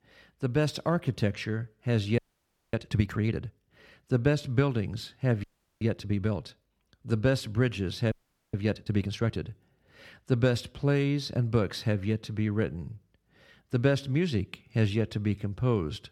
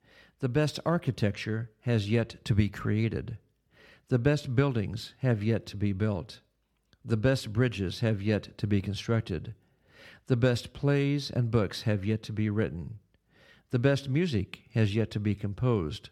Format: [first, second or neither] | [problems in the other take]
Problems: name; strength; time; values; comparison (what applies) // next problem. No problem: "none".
second | audio freezing; at 2 s for 0.5 s, at 5.5 s and at 8 s